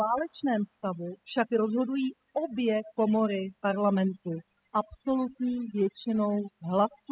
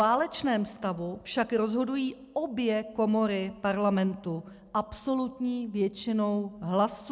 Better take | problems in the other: second | noise reduction (classical method spectral subtraction)

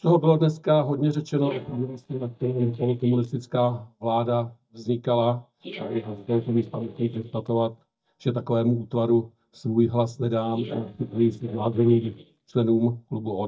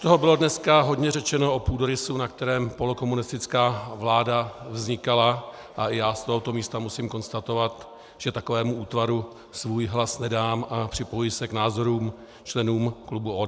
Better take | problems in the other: second | noise reduction (neural mask model DeepFilterNet 3)

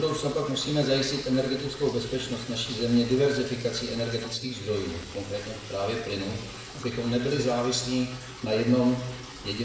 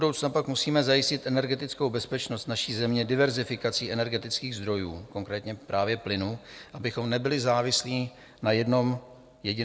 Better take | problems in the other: second | background sound (Liquid); 15 dB below the speech // room echo; dies away in 0.7 s

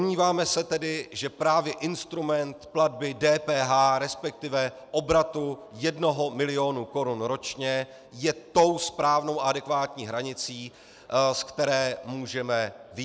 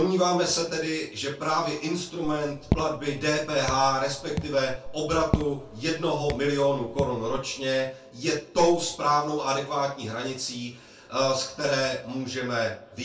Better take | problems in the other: first | background sound (Raindrop / Drip); 7 dB below the speech // room echo; dies away in 0.2 s

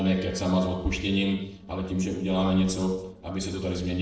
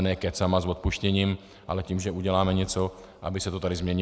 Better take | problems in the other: second | noise reduction (neural separator model SepFormer DNS4)

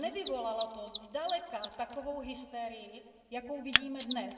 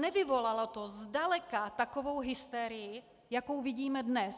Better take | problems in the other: second | background sound (Mechanisms); 2 dB below the speech // room echo; dies away in 1.3 s

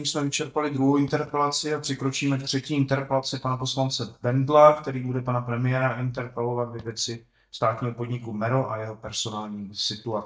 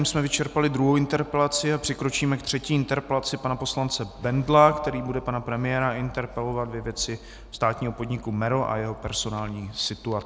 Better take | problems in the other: second | noise reduction (neural mask model DeepFilterNet 3)

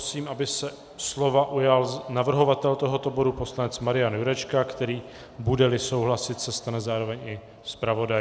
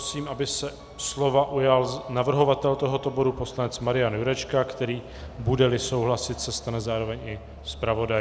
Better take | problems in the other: first | background sound (Alarm / Truck); 19 dB below the speech

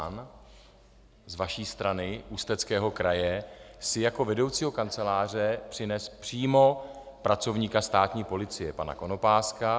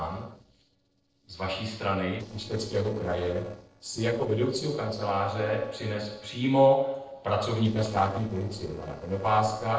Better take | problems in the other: first | noise reduction (neural separator model SepFormer DNS4)

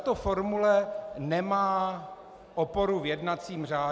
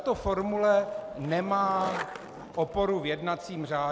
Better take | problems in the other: first | background sound (Skateboard); 14 dB below the speech

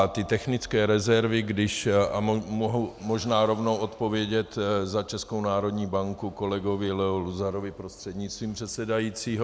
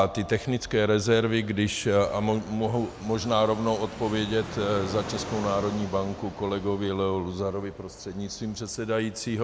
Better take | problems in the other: first | background sound (Fixed-wing aircraft, airplane); 15 dB below the speech

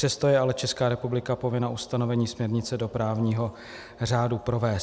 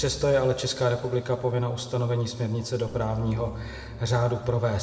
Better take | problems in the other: first | background sound (Keyboard (musical)); 18 dB below the speech // room echo; dies away in 1.6 s

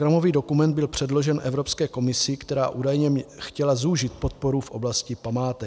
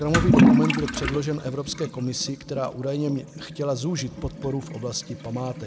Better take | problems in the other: first | background sound (Toilet flush / Liquid); 2 dB above the speech

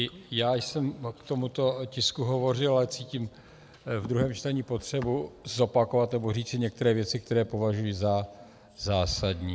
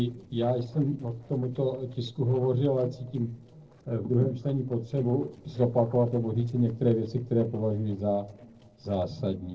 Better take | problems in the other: first | noise reduction (neural separator model SepFormer DNS4)

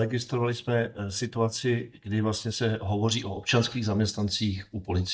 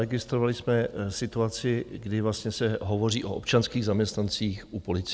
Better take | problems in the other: second | noise reduction (neural mask model DeepFilterNet 3)

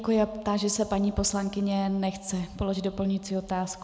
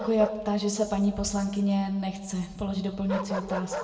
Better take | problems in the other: first | background sound (Bark); 11 dB below the speech // room echo; dies away in 0.8 s

